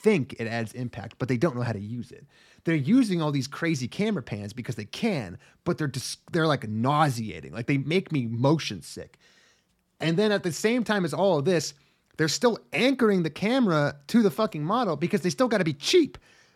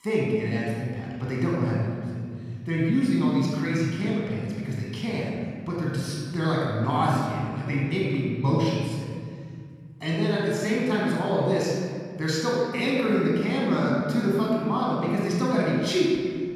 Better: first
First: none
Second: off-mic speech; far // room echo; strong; dies away in 2.2 s

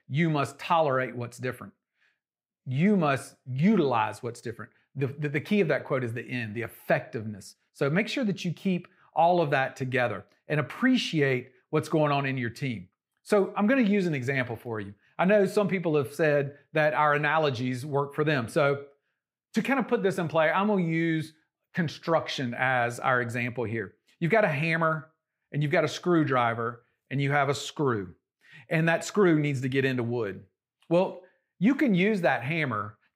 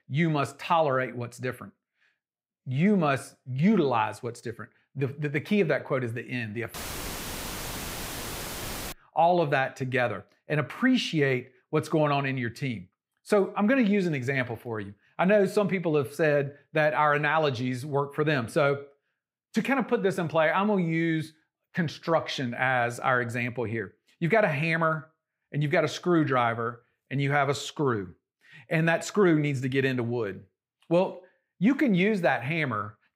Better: first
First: none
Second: audio cutting out; filled with static; at 6.5 s for 2 s

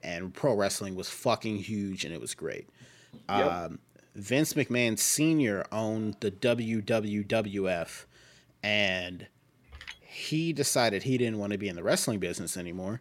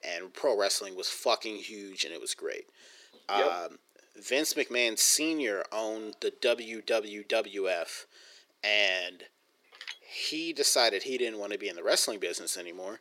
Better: first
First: none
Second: thin; somewhat; fading below 400 Hz

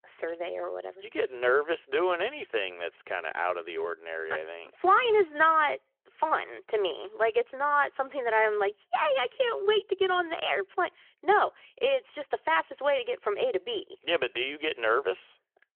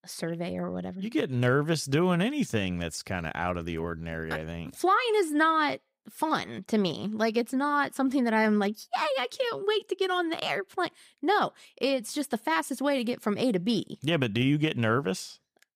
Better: second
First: phone-call audio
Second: none

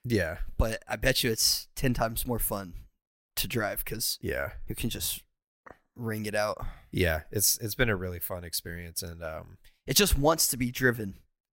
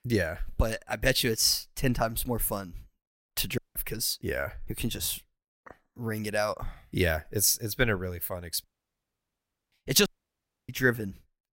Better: first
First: none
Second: audio cutting out; at 3.5 s, at 8.5 s for 1 s and at 10 s for 0.5 s

